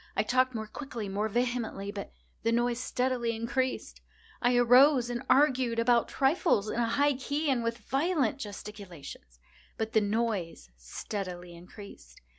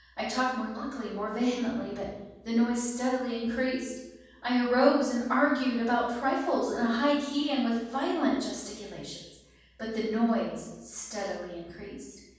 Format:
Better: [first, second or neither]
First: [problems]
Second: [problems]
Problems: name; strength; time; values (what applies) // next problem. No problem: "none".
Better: first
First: none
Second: room echo; dies away in 1.2 s